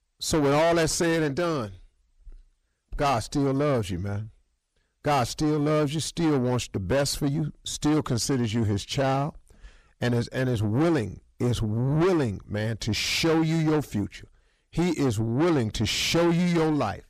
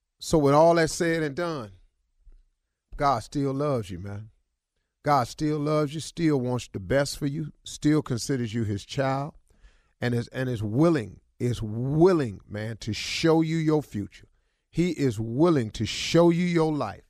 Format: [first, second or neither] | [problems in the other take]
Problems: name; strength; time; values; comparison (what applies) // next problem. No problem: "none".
second | distortion; heavy; 7 dB below the speech